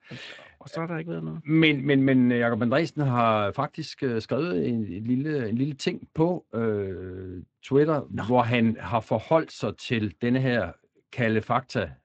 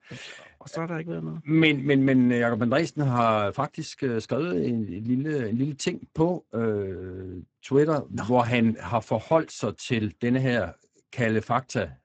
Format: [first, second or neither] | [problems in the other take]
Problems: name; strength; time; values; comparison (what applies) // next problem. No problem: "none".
first | garbled, watery; badly; nothing above 8 kHz; slightly in the first